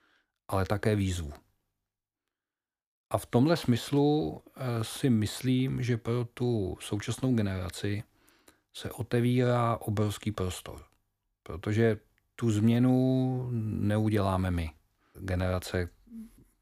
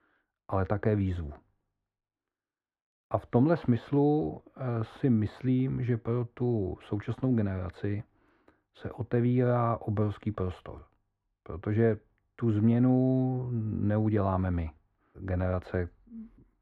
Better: first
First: none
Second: muffled; very; fading above 3.5 kHz

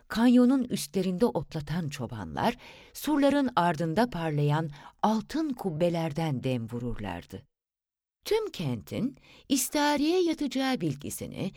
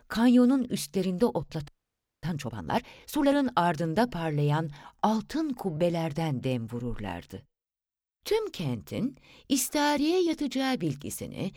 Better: first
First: none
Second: audio freezing; at 1.5 s for 0.5 s

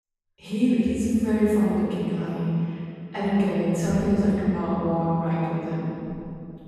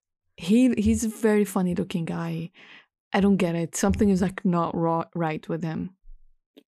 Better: second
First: off-mic speech; far // room echo; strong; dies away in 2.7 s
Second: none

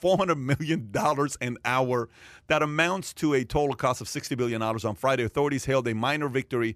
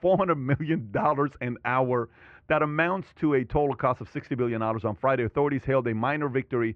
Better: first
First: none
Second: muffled; very; fading above 2 kHz

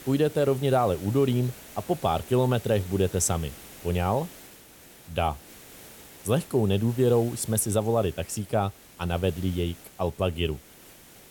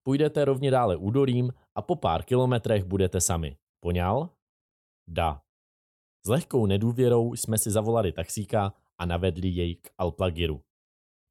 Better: second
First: hiss; noticeable; throughout; 20 dB below the speech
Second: none

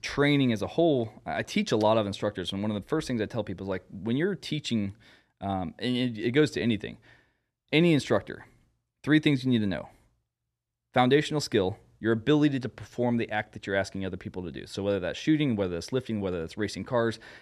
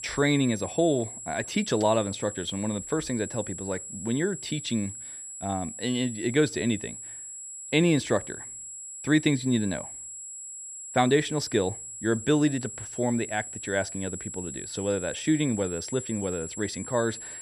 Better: first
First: none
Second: high-pitched whine; loud; throughout; 7.5 kHz, 9 dB below the speech

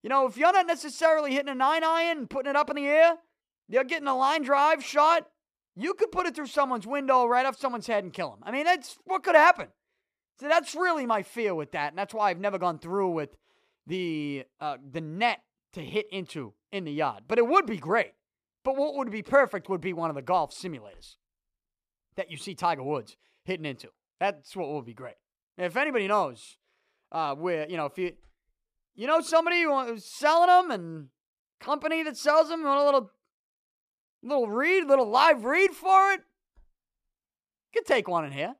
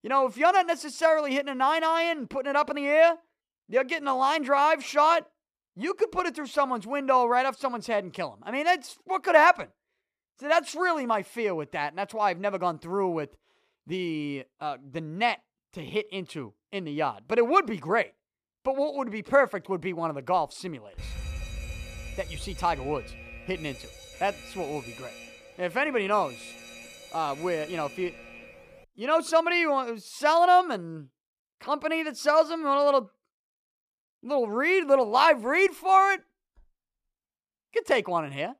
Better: first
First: none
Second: alarm; faint; from 21 to 29 s; peak 10 dB below the speech

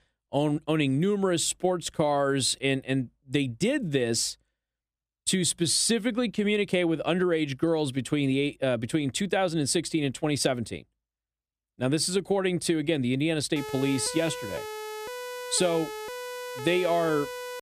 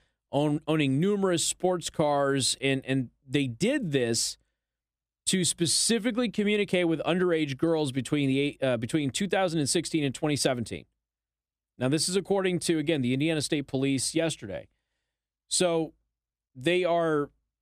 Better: second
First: siren; noticeable; from 14 s on; peak 10 dB below the speech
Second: none

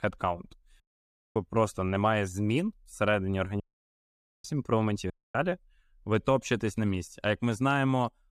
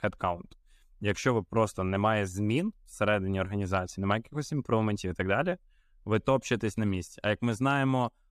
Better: second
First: audio cutting out; at 1 s for 0.5 s, at 3.5 s for 1 s and at 5 s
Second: none

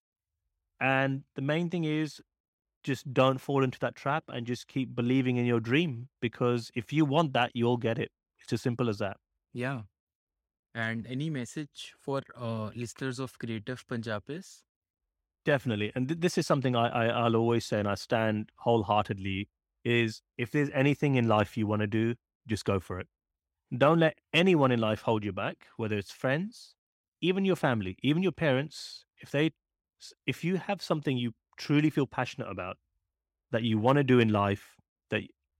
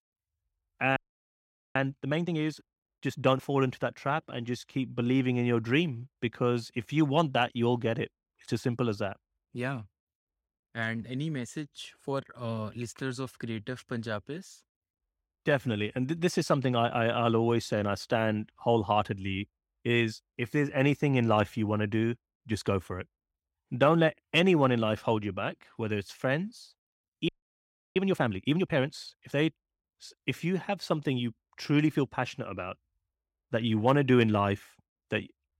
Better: first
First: none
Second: audio freezing; at 1 s for 1 s and at 27 s for 0.5 s

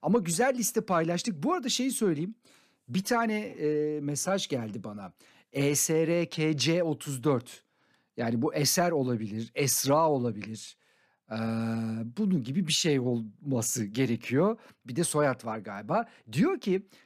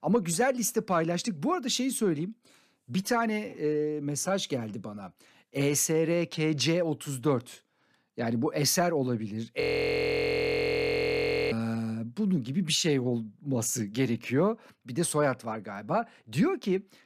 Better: first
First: none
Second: audio freezing; at 9.5 s for 2 s

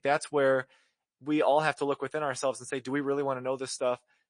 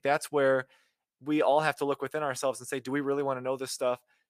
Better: second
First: garbled, watery; slightly; nothing above 9 kHz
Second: none

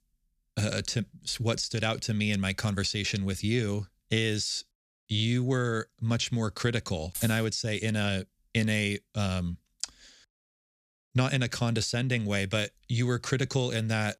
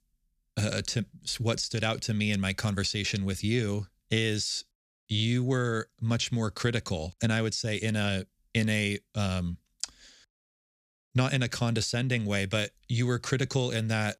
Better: second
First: jangling keys; noticeable; at 7 s; peak 7 dB below the speech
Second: none

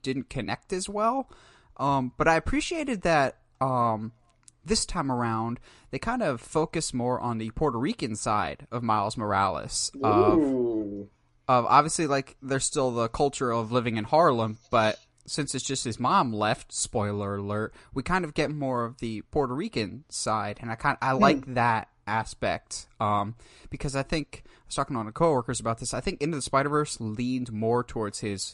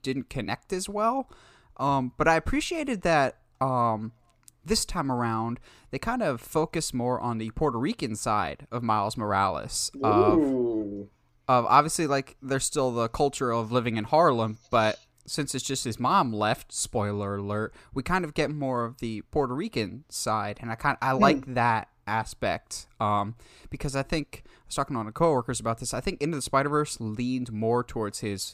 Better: second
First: garbled, watery; slightly; nothing above 10 kHz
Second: none

